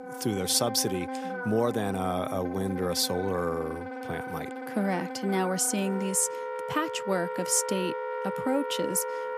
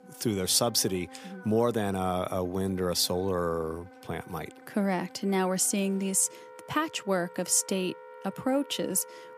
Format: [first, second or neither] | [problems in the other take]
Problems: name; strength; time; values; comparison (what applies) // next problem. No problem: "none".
second | background music; loud; throughout; 7 dB below the speech; faint in the second